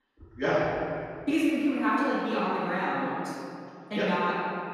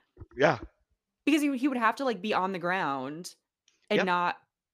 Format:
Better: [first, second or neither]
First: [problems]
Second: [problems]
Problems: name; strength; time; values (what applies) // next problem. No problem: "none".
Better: second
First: room echo; strong; dies away in 2.2 s // off-mic speech; far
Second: none